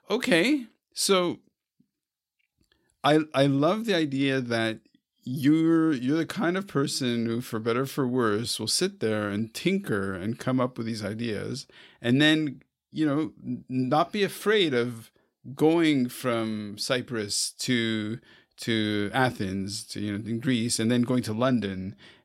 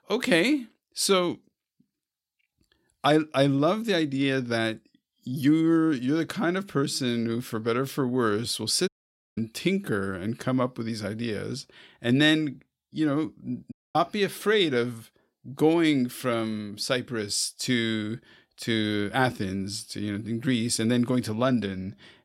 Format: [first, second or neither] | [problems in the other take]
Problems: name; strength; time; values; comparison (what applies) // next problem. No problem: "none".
first | audio cutting out; at 9 s and at 14 s